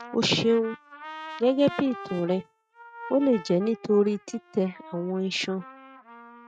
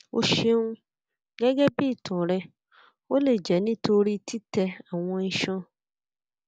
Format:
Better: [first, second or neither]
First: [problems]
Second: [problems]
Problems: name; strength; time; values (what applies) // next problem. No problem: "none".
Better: second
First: noise reduction (neural mask model RNNoise)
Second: none